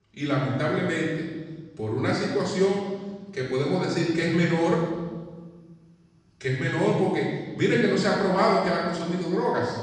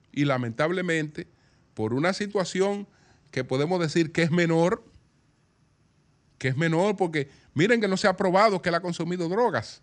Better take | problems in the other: second | room echo; noticeable; dies away in 1.3 s // off-mic speech; far

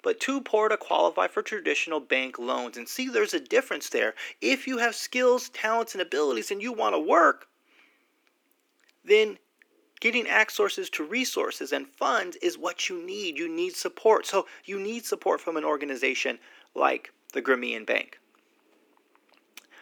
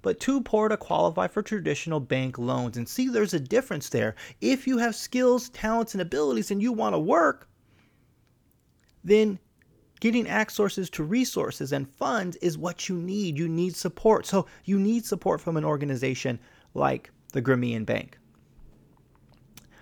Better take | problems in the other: second | thin; somewhat; fading below 300 Hz

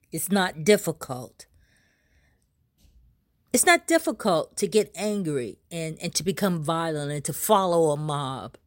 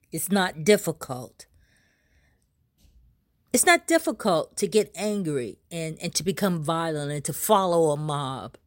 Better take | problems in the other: neither | none

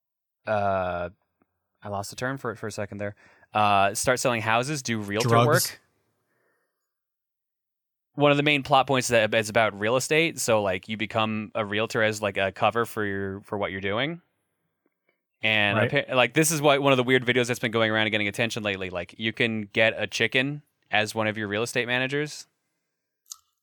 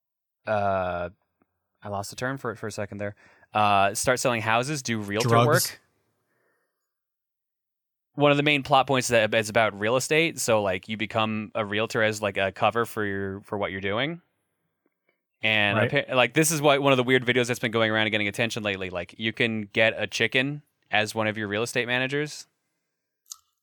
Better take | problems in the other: neither | none

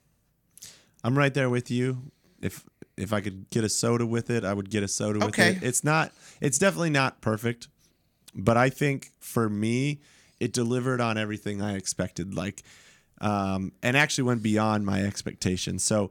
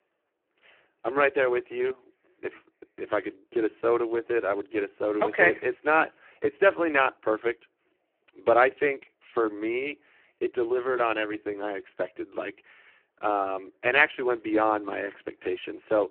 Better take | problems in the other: first | phone-call audio; poor line

